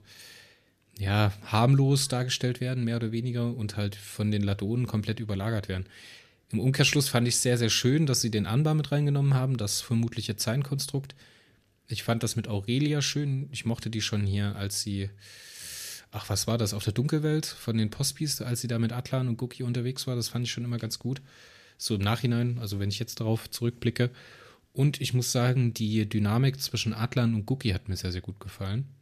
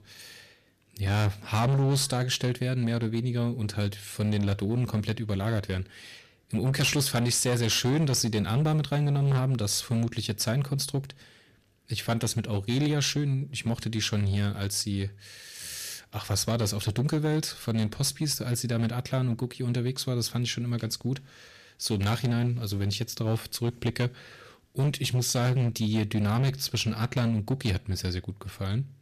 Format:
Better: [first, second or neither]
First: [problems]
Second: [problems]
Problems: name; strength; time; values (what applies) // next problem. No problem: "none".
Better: first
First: none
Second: distortion; slight; 10% of the sound clipped